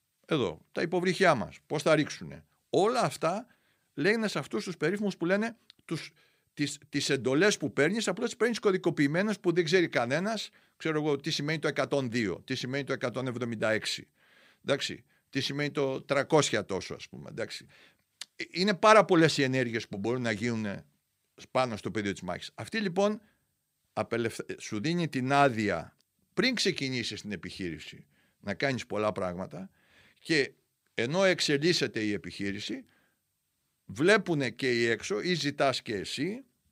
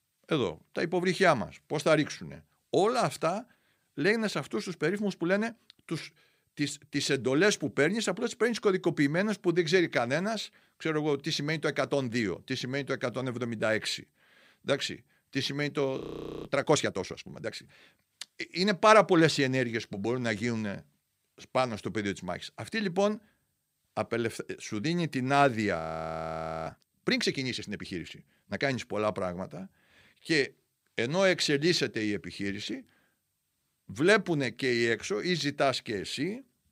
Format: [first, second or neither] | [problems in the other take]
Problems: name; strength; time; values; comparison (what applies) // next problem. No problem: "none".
first | audio freezing; at 16 s and at 26 s for 1 s